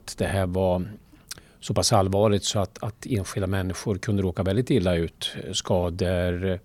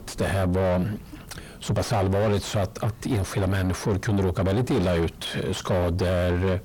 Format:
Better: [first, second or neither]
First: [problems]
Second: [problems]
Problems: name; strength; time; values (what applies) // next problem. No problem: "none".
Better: first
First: none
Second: distortion; heavy; 5 dB below the speech